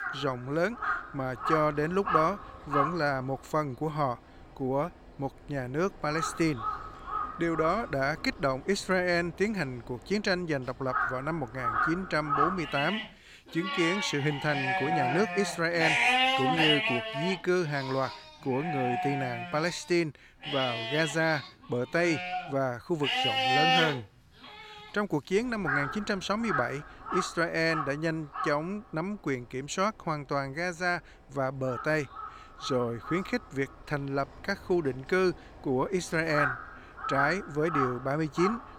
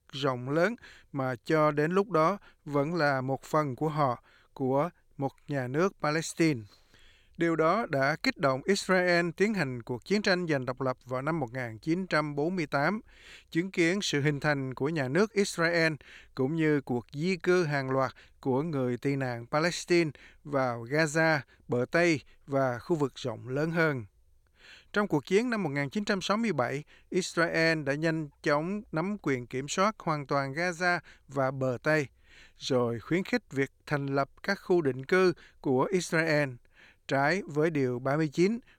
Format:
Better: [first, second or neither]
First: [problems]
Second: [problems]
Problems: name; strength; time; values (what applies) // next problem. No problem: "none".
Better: second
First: animal sounds; loud; throughout; as loud as the speech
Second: none